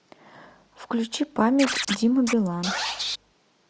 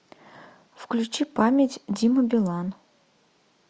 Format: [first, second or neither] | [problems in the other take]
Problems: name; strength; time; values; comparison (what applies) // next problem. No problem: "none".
second | background sound (Scratching (performance technique)); 7 dB below the speech